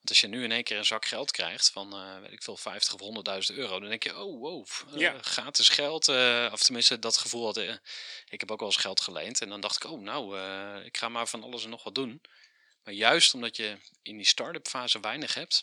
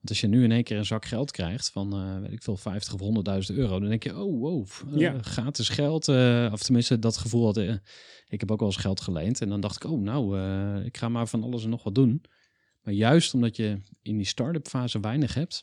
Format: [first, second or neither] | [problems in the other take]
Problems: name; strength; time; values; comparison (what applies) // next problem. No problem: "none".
second | thin; very; fading below 800 Hz